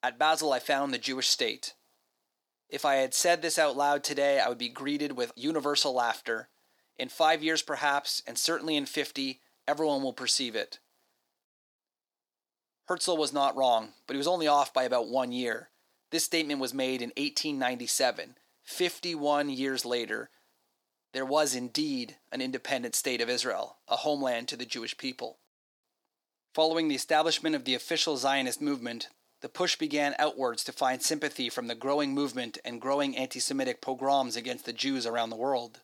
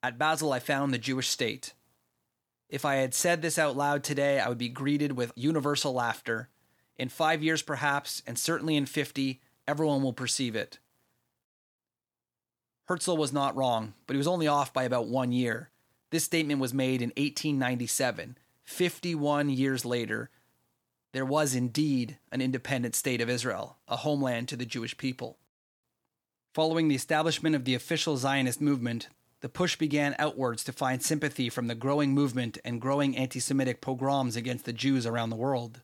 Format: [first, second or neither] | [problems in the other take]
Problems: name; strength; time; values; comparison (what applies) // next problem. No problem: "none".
second | thin; very slightly; fading below 350 Hz